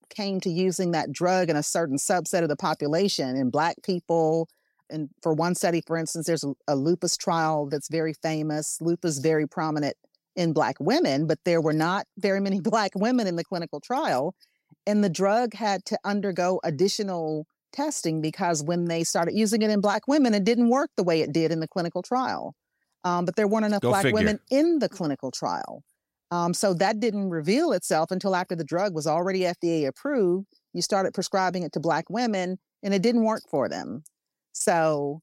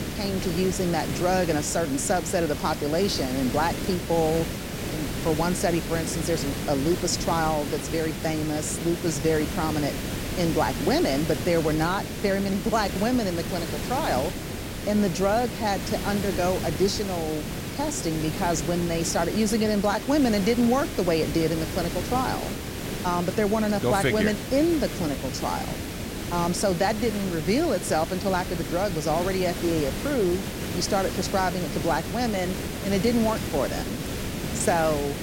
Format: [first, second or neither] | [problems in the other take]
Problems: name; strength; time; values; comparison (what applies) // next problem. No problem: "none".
first | hiss; loud; throughout; 5 dB below the speech